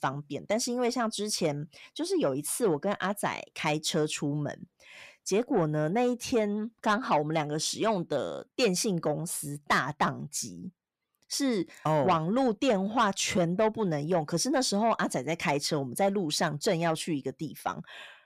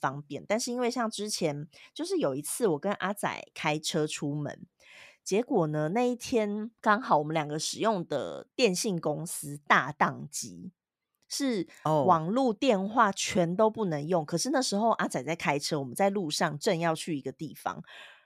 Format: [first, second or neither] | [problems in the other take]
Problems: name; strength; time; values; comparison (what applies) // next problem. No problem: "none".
second | distortion; slight; 10 dB below the speech